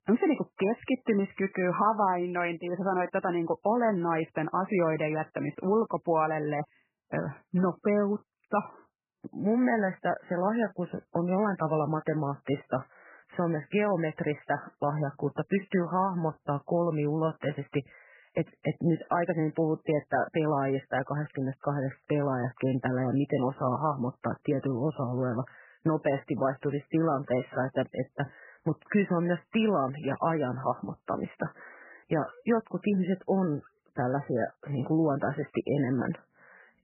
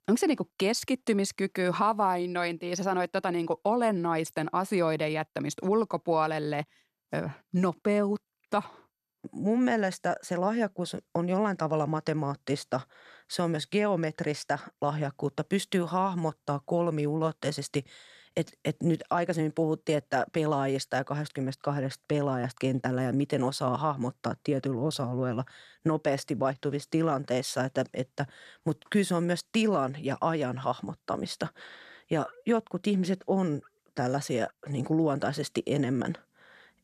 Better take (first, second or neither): second